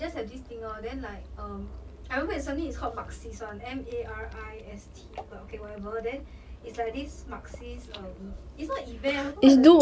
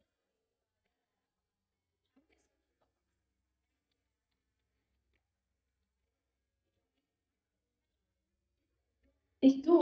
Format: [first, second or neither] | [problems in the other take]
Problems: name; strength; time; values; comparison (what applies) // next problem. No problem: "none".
first | noise reduction (neural mask model DeepFilterNet 3)